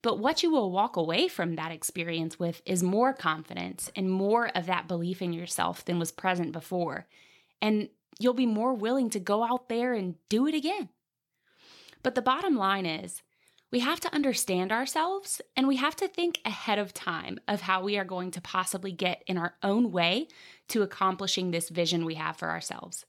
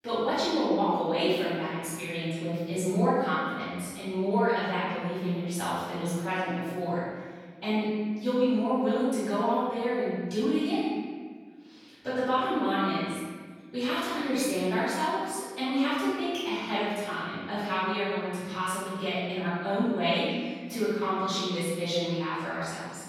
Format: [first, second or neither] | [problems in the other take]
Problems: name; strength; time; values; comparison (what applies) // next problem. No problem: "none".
first | off-mic speech; far // room echo; strong; dies away in 1.5 s